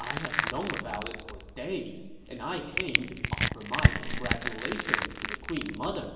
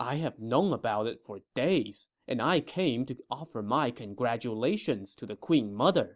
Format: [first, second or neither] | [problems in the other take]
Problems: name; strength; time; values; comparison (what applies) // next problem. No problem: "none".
second | background sound (Crushing); 5 dB above the speech // room echo; dies away in 1.2 s